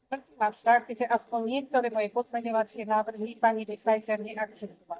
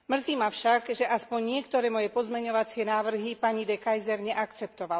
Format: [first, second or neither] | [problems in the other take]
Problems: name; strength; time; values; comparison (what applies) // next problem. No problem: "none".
second | noise reduction (neural mask model DeepFilterNet 3)